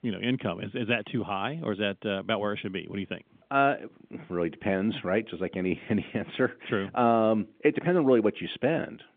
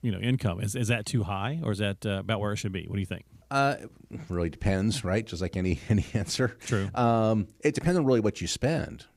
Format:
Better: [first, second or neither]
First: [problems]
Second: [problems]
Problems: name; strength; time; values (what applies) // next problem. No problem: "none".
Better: second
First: phone-call audio; nothing above 3.5 kHz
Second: none